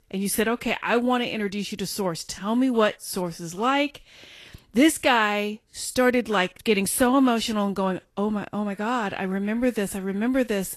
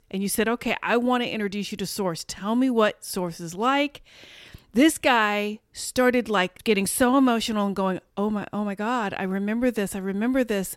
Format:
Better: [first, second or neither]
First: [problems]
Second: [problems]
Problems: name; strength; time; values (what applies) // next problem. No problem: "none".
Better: second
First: garbled, watery; slightly; nothing above 12.5 kHz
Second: none